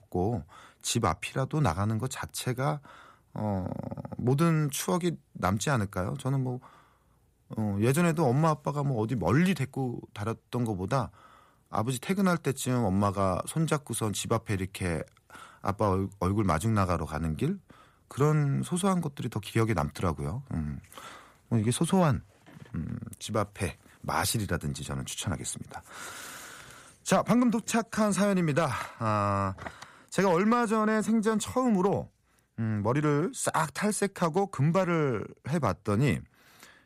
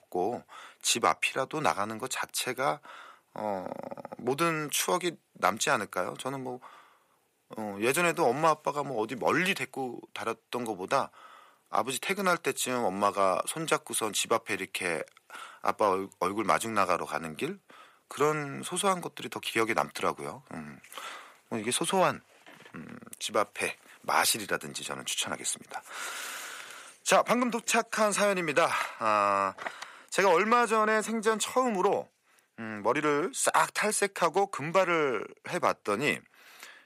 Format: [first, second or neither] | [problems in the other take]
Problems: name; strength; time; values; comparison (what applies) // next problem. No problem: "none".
first | thin; somewhat; fading below 400 Hz